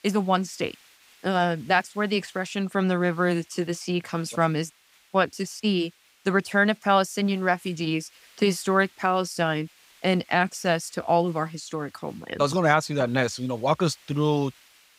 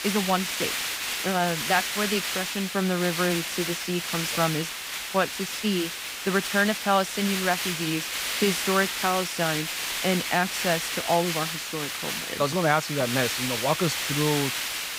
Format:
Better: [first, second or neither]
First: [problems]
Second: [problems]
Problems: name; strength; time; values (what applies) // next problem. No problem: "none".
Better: first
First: hiss; faint; throughout; 30 dB below the speech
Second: hiss; loud; throughout; 1 dB below the speech